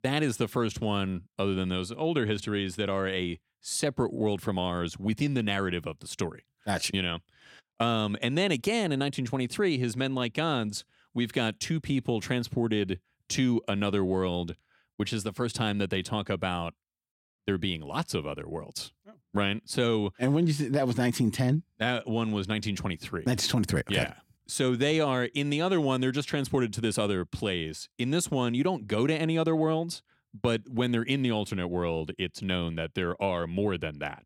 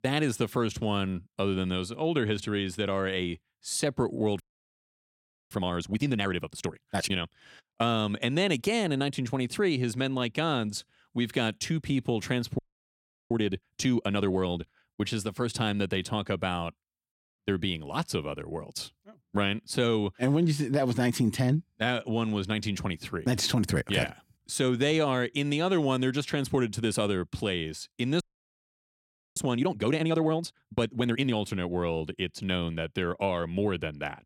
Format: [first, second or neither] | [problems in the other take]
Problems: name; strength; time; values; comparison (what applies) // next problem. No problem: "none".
first | audio freezing; at 4.5 s for 1 s, at 13 s for 0.5 s and at 28 s for 1 s